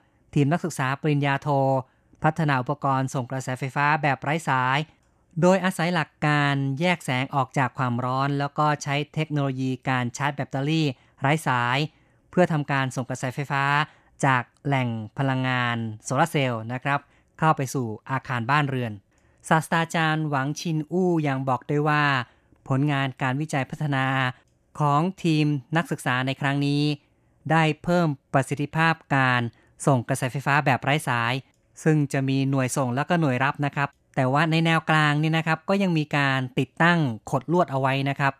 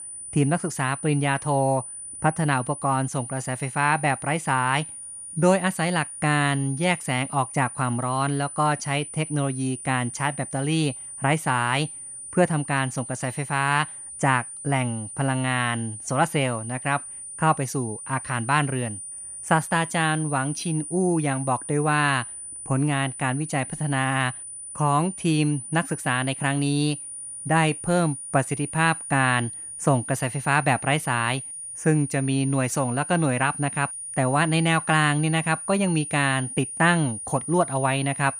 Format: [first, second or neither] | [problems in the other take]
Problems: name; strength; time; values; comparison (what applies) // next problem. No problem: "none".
first | high-pitched whine; loud; throughout; 9.5 kHz, 10 dB below the speech